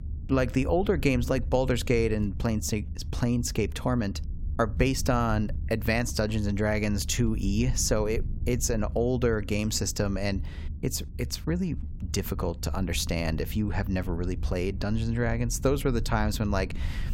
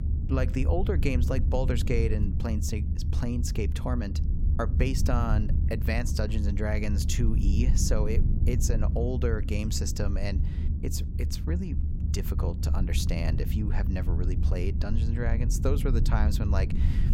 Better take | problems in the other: first | low rumble; loud; throughout; 8 dB below the speech; faint in the first

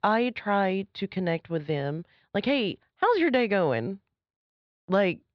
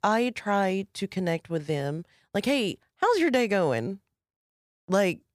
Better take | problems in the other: second | muffled; very slightly; fading above 4 kHz

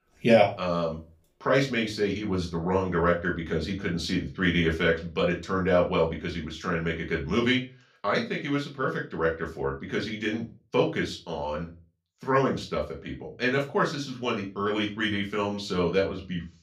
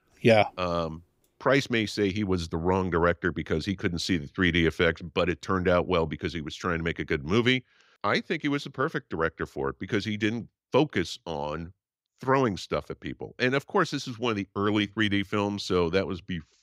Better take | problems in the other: second | off-mic speech; far // room echo; very slight; dies away in 0.2 s

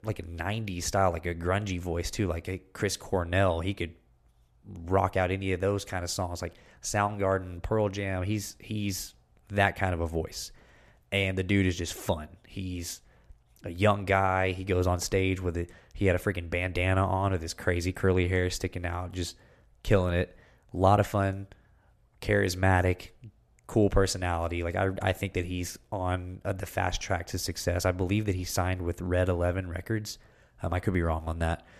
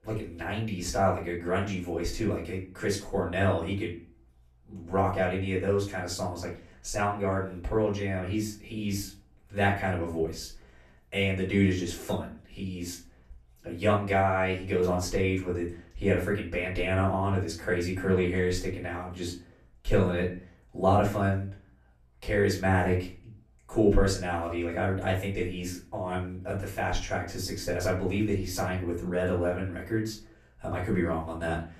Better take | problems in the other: first | off-mic speech; far // room echo; slight; dies away in 0.3 s

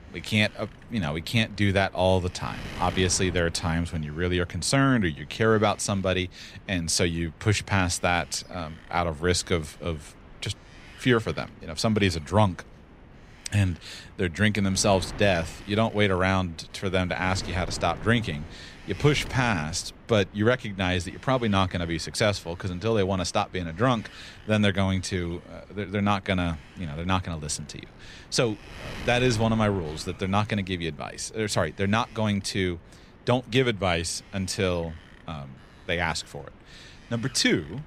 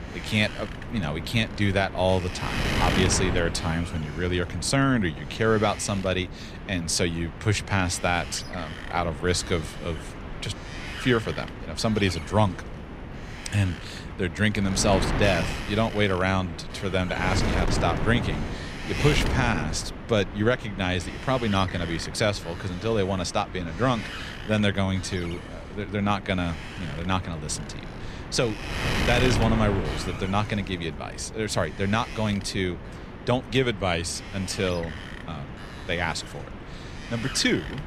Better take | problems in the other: first | wind noise on the microphone; heavy; 8 dB below the speech; occasional gusts in the first

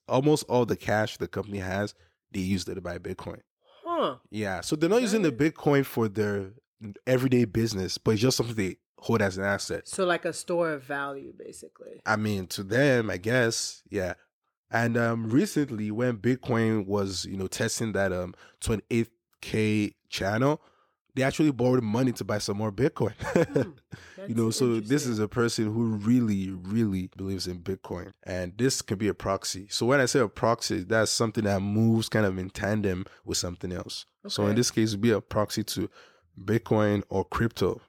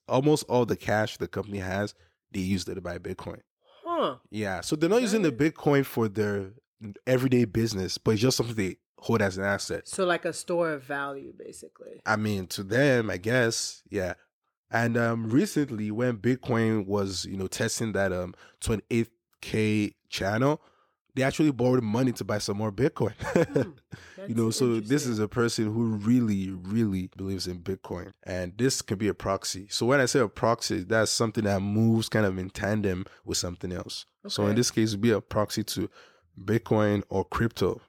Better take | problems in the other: neither | none

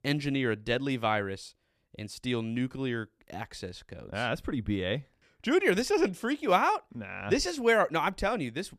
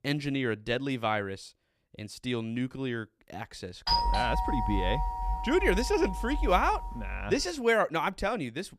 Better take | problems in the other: first | doorbell; loud; from 4 to 7.5 s; peak 4 dB above the speech

